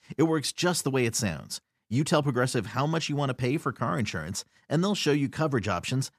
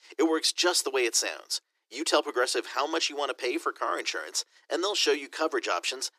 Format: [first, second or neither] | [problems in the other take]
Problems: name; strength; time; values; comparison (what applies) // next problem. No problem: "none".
first | thin; very; fading below 350 Hz